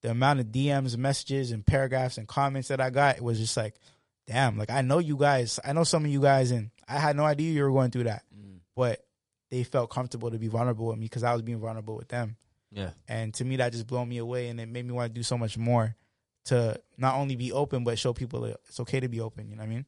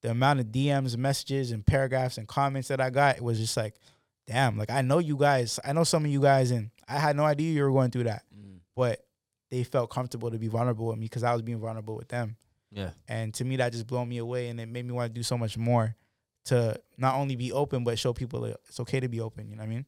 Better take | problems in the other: second | garbled, watery; slightly; nothing above 10.5 kHz

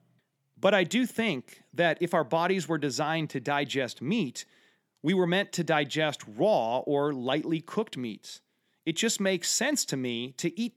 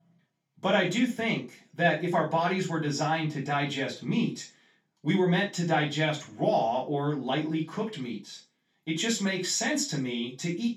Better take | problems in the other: first | room echo; slight; dies away in 0.2 s // off-mic speech; far

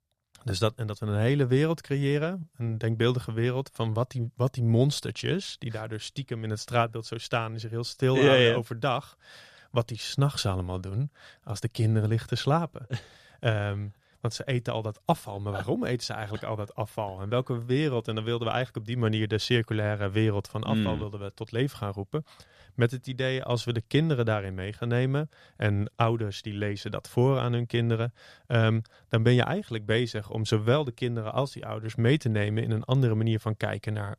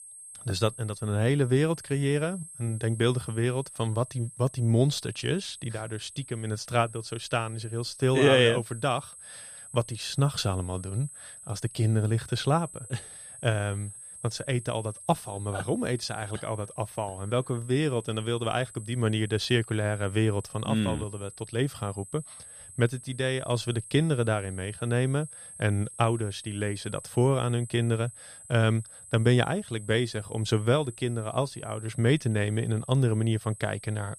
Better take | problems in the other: first | high-pitched whine; noticeable; throughout; 8 kHz, 15 dB below the speech

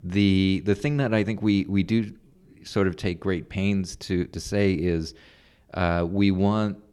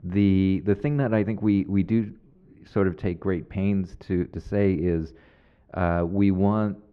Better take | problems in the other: first | muffled; very; fading above 3.5 kHz

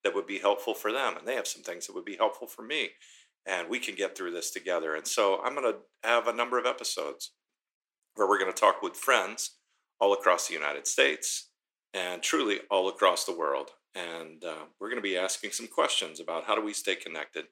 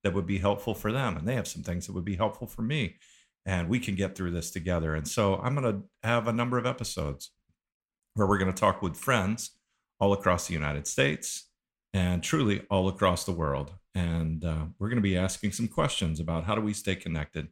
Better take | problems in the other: second | thin; very; fading below 350 Hz

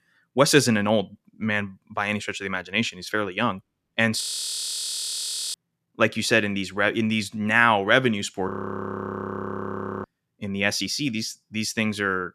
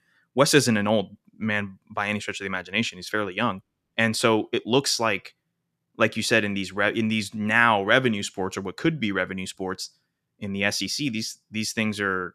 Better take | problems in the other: second | audio freezing; at 4 s for 1.5 s and at 8.5 s for 1.5 s

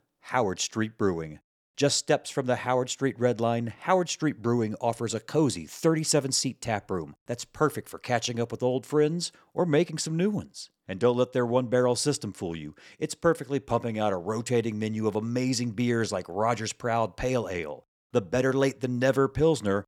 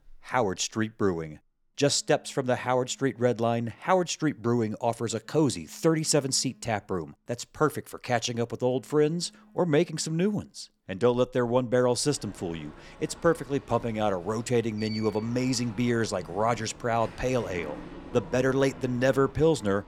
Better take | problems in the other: first | alarms or sirens; faint; throughout; 20 dB below the speech

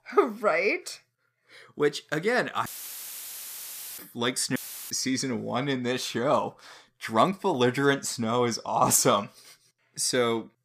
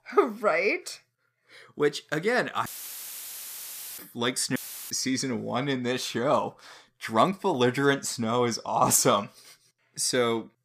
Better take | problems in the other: neither | audio cutting out; filled with static; at 2.5 s for 1.5 s and at 4.5 s; the same in both

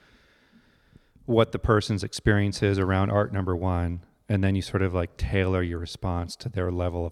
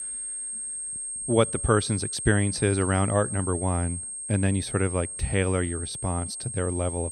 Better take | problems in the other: first | high-pitched whine; loud; throughout; 8.5 kHz, 5 dB below the speech

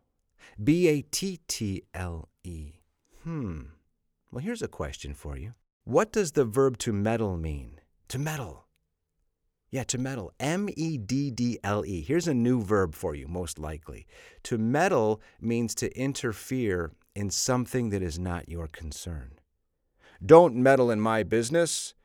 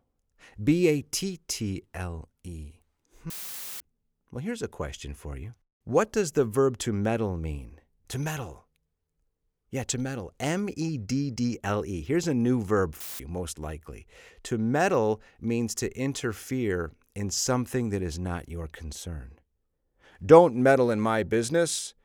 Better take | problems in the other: first | audio cutting out; filled with static; at 3.5 s for 0.5 s and at 13 s

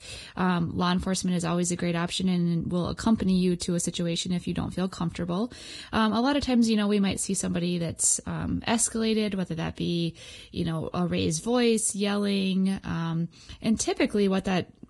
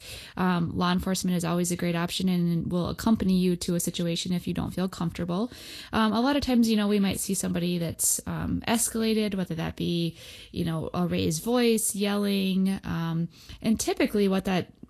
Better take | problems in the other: second | garbled, watery; badly; nothing above 10 kHz; slightly in the second

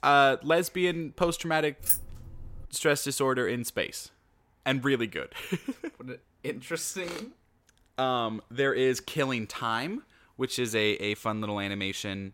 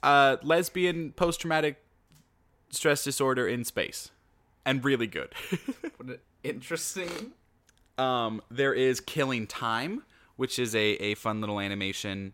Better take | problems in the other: second | jangling keys; loud; at 2 s; peak 4 dB above the speech

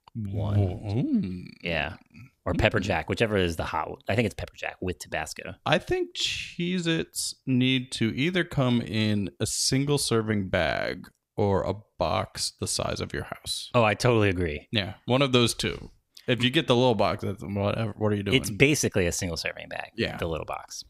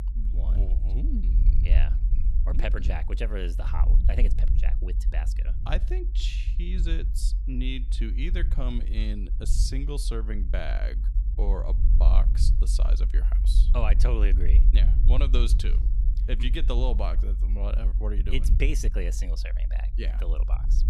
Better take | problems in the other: first | low rumble; loud; throughout; 10 dB below the speech

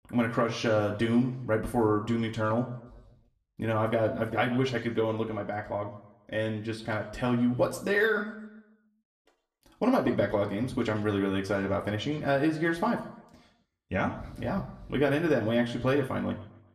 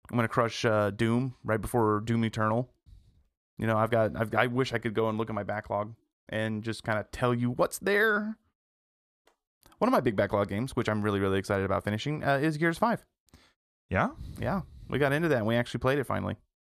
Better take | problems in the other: second | room echo; slight; dies away in 0.7 s // off-mic speech; somewhat distant

